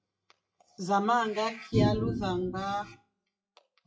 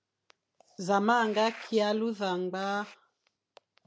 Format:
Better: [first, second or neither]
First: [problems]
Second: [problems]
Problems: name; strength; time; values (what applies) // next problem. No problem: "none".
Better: second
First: noise reduction (classical method WPE with log-MMSE)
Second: none